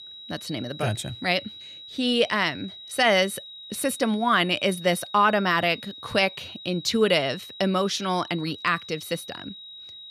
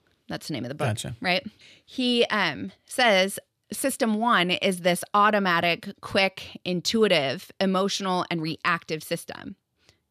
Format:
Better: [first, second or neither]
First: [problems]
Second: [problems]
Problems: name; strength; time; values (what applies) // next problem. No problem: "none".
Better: second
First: high-pitched whine; noticeable; throughout; 4 kHz, 15 dB below the speech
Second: none